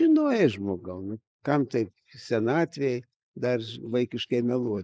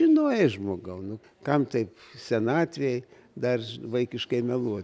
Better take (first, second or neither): second